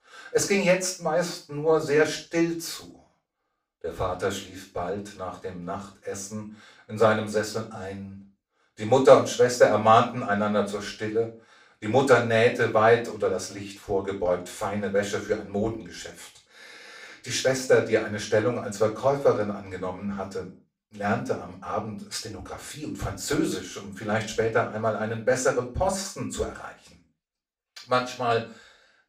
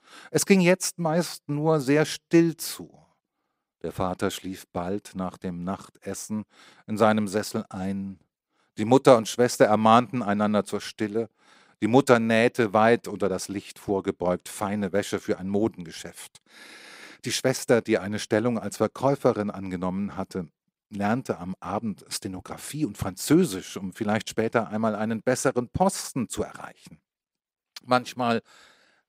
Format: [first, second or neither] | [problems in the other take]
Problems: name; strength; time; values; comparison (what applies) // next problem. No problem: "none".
second | room echo; slight; dies away in 0.3 s // off-mic speech; far